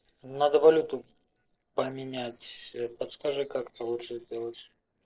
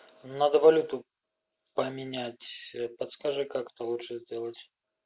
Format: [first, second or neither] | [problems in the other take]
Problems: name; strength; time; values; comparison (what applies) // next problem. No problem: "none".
second | noise reduction (neural separator model SepFormer DNS4)